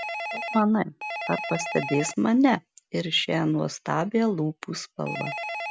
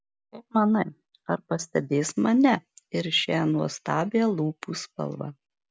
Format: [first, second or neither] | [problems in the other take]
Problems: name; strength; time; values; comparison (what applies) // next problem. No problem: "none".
second | background sound (Telephone); 10 dB below the speech